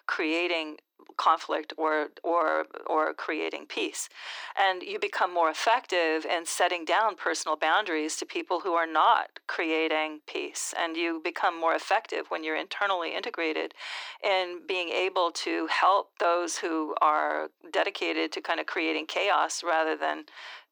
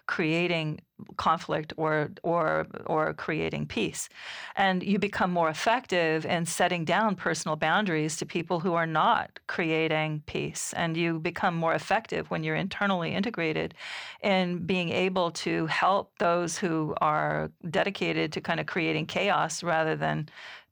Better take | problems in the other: second | thin; very; fading below 300 Hz

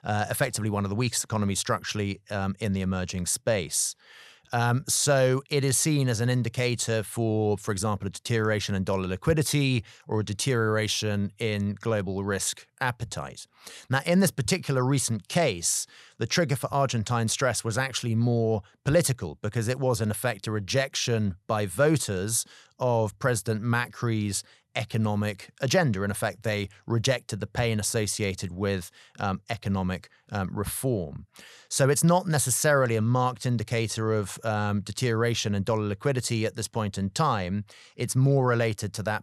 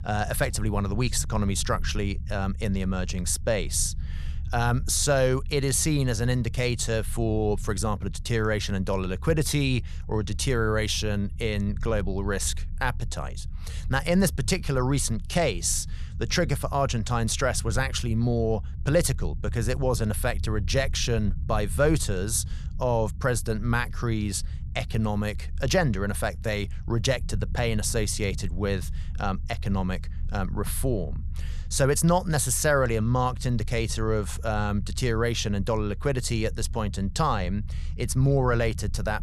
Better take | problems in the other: first | low rumble; faint; throughout; 25 dB below the speech

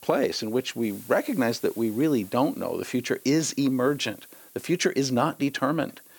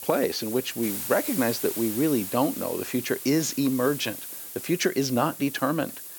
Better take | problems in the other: first | hiss; loud; throughout; 7 dB below the speech; faint in the first

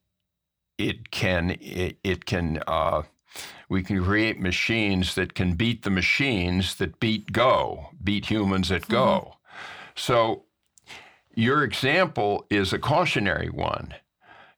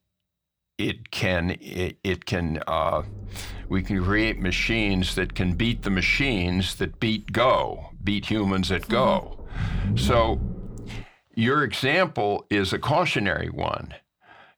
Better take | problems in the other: first | low rumble; faint; from 3 to 11 s; 20 dB below the speech

